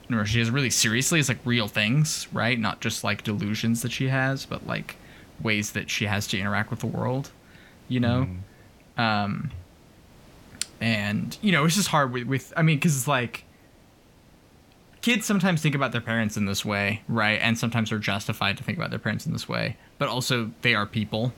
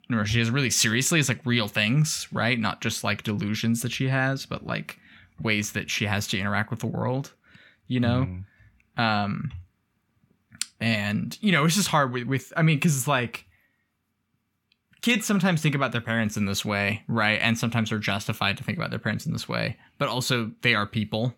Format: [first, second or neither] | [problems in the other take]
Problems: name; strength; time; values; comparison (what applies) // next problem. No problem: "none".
second | hiss; faint; throughout; 25 dB below the speech